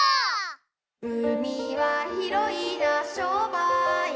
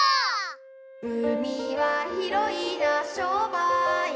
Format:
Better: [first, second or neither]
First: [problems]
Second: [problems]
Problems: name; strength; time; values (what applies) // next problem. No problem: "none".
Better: first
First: none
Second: background sound (Wind instrument, woodwind instrument); 20 dB below the speech